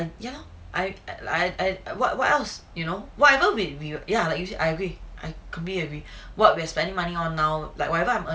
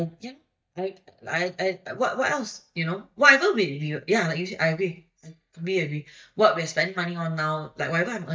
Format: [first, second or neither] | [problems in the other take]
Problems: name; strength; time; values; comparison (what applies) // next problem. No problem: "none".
first | noise reduction (neural mask model DeepFilterNet 3)